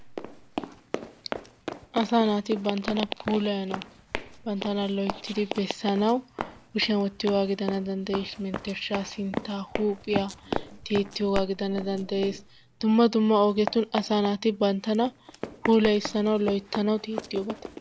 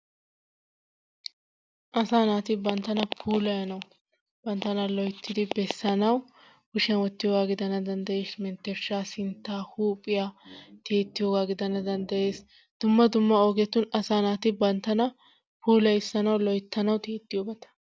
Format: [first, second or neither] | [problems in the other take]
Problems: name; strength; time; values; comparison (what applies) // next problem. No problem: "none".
second | background sound (Run); 11 dB below the speech